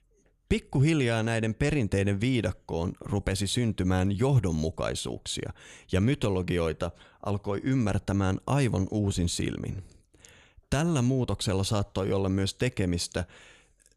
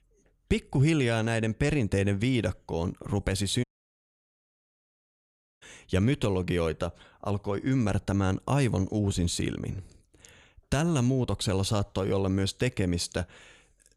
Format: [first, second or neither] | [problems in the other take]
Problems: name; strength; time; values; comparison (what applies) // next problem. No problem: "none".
first | audio cutting out; at 3.5 s for 2 s